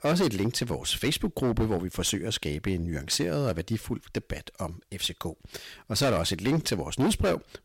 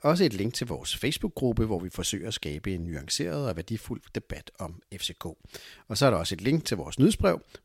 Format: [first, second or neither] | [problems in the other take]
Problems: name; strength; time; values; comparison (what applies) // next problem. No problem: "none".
second | distortion; heavy; 8% of the sound clipped